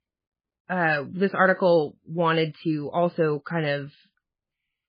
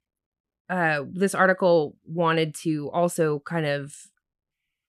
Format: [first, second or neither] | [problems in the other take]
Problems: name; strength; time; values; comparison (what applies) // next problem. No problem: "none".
second | garbled, watery; badly; nothing above 5 kHz